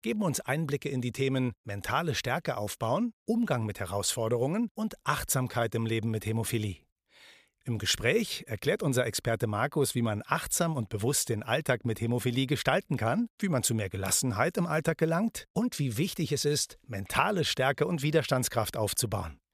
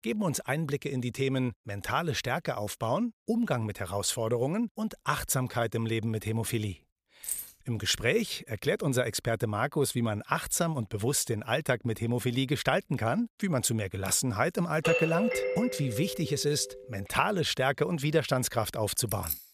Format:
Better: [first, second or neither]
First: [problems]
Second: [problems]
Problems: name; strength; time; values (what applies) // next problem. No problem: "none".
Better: first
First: none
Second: jangling keys; noticeable; at 7 s and at 19 s; peak 4 dB below the speech // doorbell; loud; from 15 to 16 s; peak 2 dB above the speech